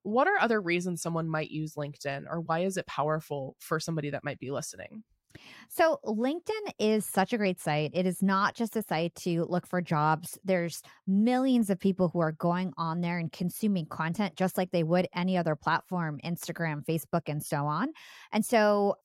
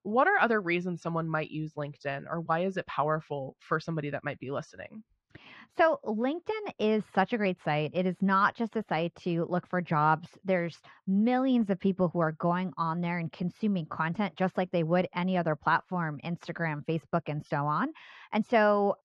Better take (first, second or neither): first